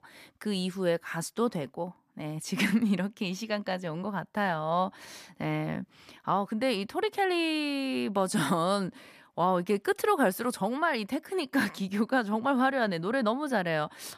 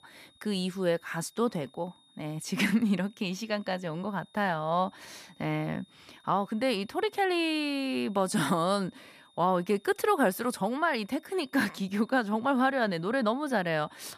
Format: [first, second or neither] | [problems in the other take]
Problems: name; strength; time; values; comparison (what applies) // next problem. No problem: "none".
first | high-pitched whine; faint; throughout; 3.5 kHz, 30 dB below the speech